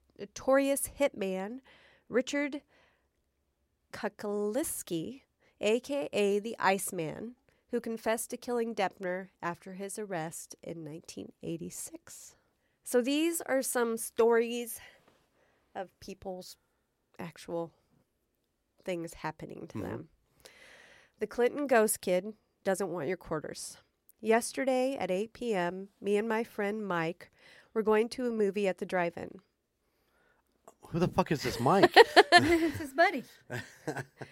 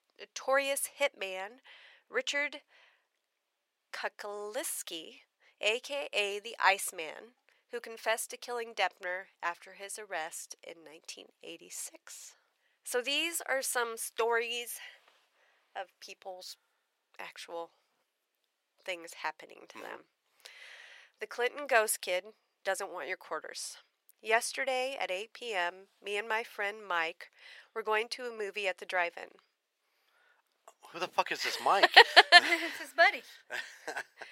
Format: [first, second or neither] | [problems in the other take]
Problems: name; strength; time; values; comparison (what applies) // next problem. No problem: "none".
first | thin; very; fading below 700 Hz